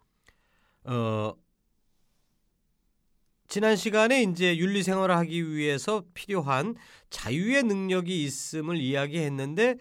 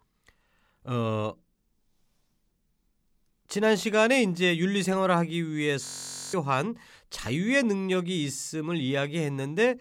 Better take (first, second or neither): first